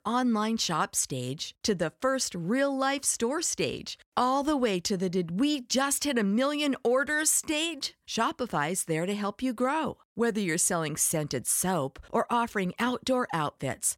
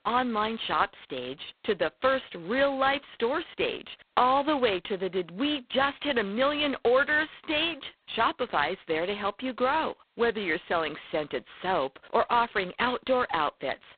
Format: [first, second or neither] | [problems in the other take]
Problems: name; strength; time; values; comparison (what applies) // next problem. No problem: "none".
first | phone-call audio; poor line; nothing above 3.5 kHz